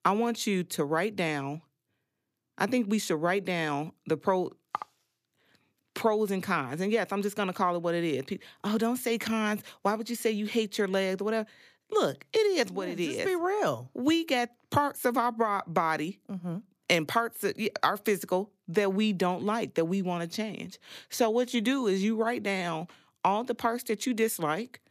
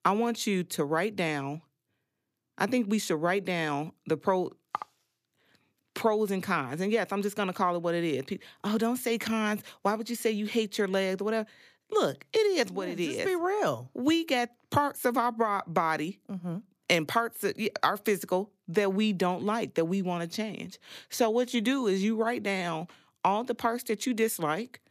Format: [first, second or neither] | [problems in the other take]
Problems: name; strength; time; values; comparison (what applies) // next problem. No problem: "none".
neither | none